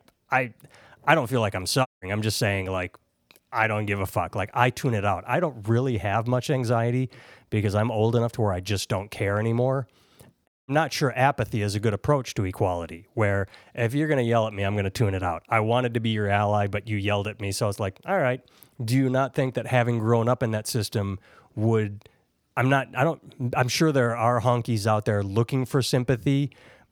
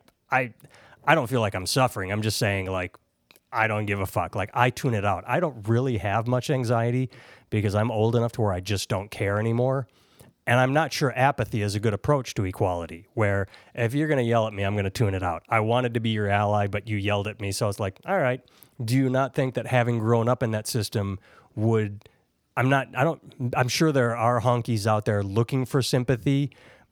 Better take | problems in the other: second | audio cutting out; at 2 s and at 10 s

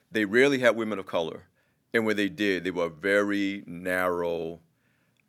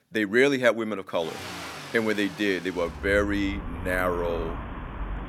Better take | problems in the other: first | traffic noise; noticeable; from 1.5 s on; 10 dB below the speech

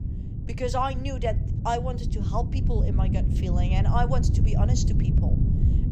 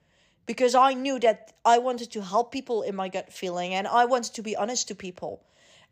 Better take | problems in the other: second | wind noise on the microphone; heavy; 7 dB below the speech

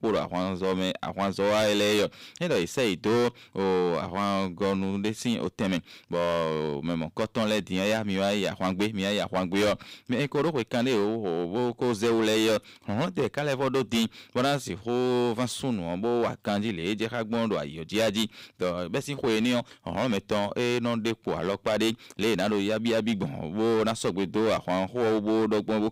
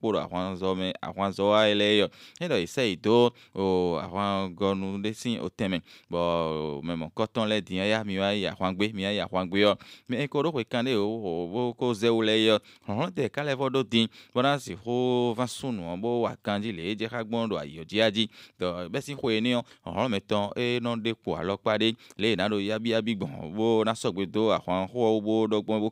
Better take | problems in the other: second | distortion; heavy; 12% of the sound clipped

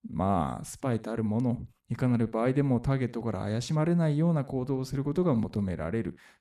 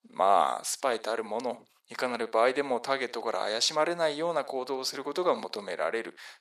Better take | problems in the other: first | thin; very; fading below 550 Hz

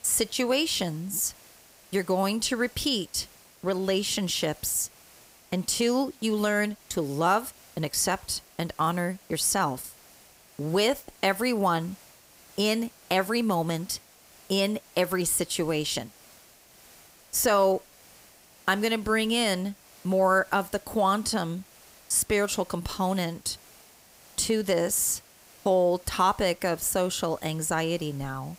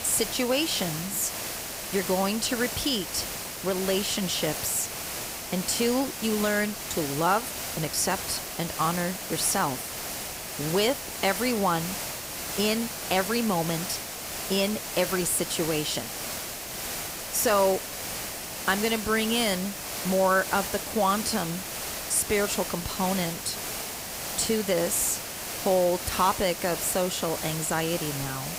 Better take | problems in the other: first | hiss; loud; throughout; 5 dB below the speech; faint in the first

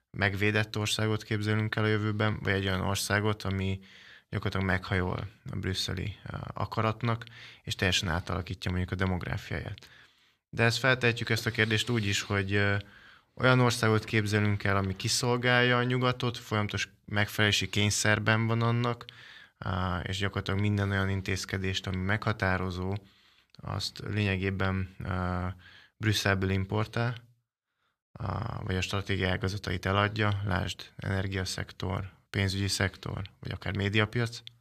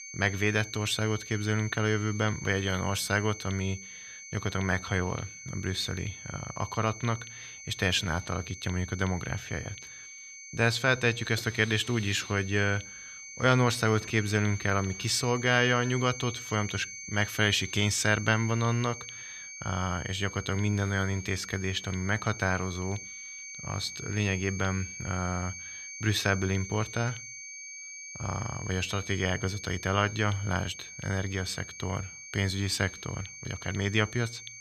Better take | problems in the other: first | high-pitched whine; noticeable; throughout; 2.5 kHz, 10 dB below the speech

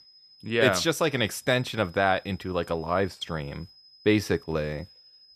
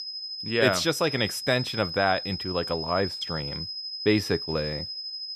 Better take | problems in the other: first | high-pitched whine; loud; throughout; 5 kHz, 6 dB below the speech; faint in the first

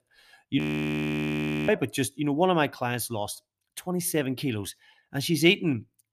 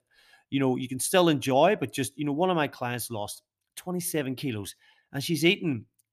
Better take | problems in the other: second | audio freezing; at 0.5 s for 1 s

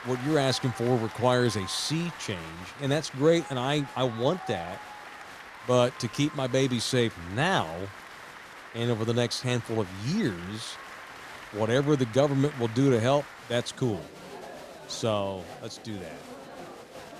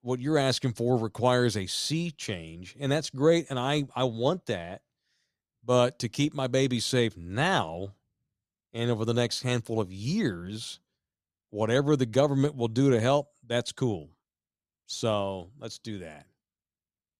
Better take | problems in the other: second | crowd noise; noticeable; throughout; 15 dB below the speech

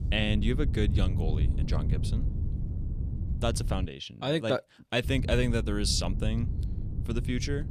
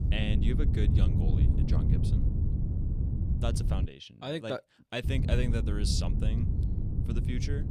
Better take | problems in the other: first | wind noise on the microphone; heavy; until 4 s and from 5 s on; 4 dB below the speech; occasional gusts in the first

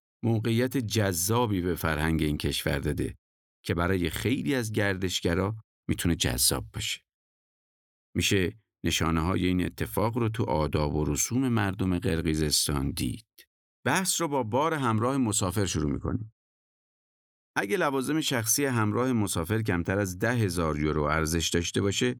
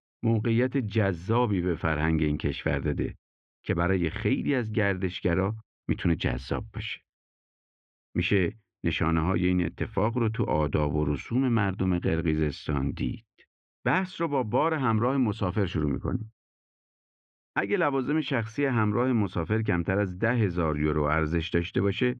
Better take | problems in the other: first | muffled; very; fading above 2.5 kHz

